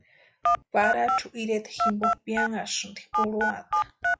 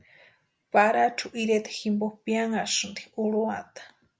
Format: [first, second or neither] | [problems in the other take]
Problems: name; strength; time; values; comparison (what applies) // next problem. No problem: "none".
second | noise reduction (classical method log-MMSE)